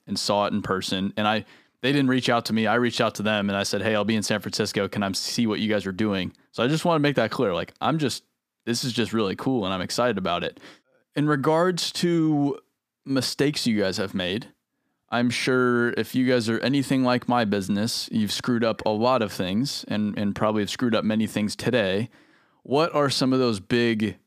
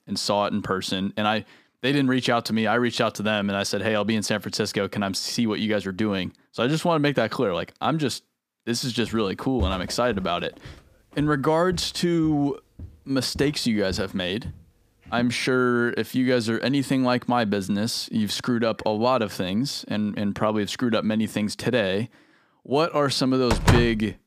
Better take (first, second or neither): first